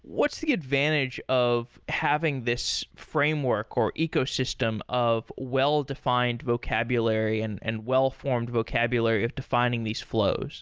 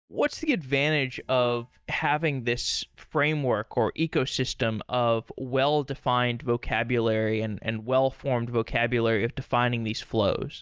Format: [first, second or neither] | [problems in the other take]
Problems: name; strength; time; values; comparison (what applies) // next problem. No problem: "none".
first | noise reduction (neural mask model DeepFilterNet 3)